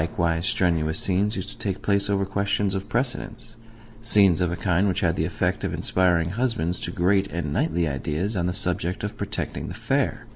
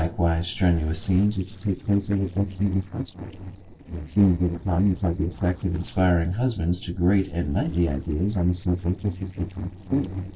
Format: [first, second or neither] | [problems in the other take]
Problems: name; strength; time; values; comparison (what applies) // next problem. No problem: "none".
first | noise reduction (neural separator model SepFormer DNS4)